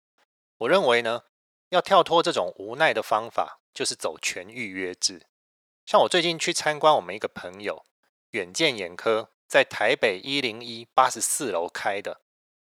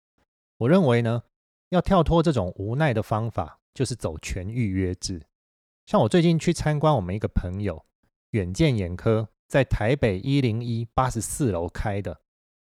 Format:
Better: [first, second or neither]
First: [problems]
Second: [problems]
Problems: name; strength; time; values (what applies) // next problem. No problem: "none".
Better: second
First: thin; very; fading below 600 Hz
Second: none